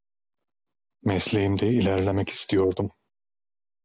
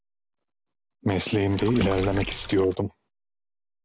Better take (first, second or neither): first